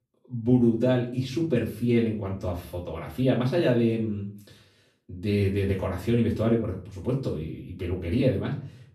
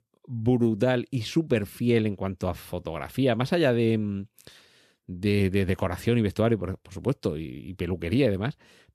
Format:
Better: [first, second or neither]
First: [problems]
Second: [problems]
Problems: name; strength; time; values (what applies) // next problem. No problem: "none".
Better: second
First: off-mic speech; far // room echo; slight; dies away in 0.4 s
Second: none